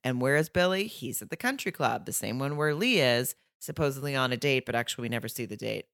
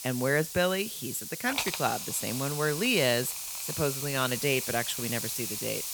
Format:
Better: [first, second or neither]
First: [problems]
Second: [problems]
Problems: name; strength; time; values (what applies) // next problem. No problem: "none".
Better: first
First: none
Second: hiss; loud; throughout; 4 dB below the speech